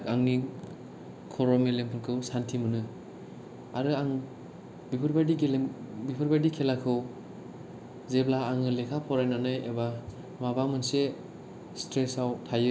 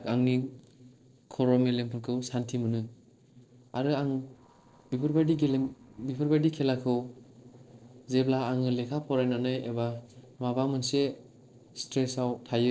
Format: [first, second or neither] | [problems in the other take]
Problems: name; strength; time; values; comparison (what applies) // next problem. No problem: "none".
first | noise reduction (neural separator model SepFormer DNS4)